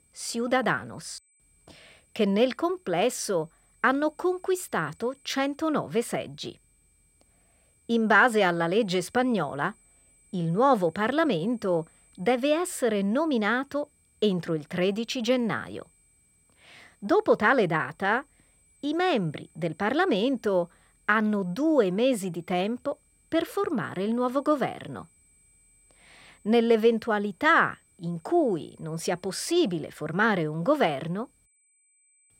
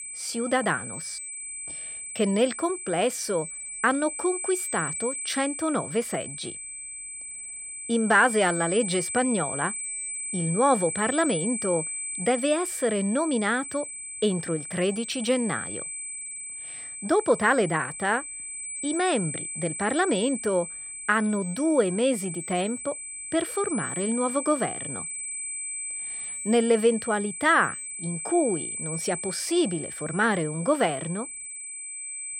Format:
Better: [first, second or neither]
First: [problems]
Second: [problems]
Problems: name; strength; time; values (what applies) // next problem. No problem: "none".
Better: first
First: high-pitched whine; faint; throughout; 8 kHz, 35 dB below the speech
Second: high-pitched whine; loud; throughout; 8 kHz, 6 dB below the speech